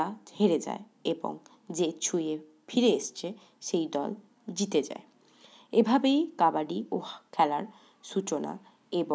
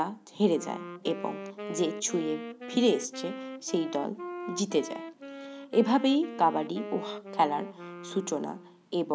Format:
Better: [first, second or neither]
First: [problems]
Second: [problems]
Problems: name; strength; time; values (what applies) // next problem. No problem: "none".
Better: first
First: none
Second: background sound (Wind instrument, woodwind instrument); 11 dB below the speech